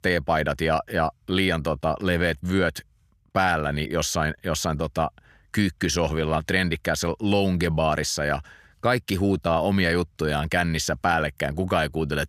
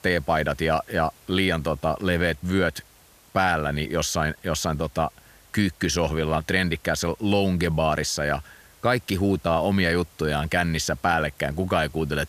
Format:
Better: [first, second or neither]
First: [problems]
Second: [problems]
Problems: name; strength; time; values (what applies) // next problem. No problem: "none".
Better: first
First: none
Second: hiss; faint; throughout; 30 dB below the speech